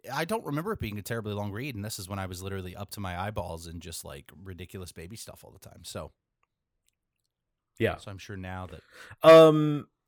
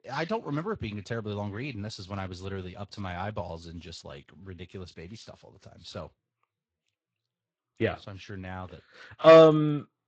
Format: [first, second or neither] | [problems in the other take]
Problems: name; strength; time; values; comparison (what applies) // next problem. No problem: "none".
first | garbled, watery; slightly